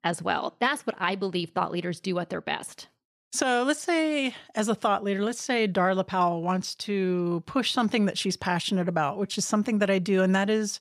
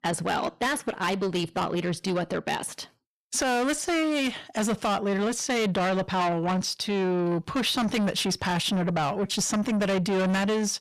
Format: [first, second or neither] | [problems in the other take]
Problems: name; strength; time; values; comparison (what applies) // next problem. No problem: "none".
first | distortion; heavy; 8 dB below the speech